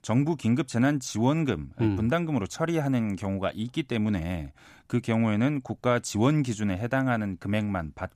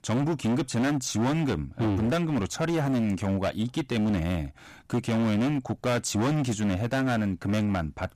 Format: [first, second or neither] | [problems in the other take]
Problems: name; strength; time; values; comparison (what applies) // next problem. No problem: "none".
first | distortion; heavy; 24% of the sound clipped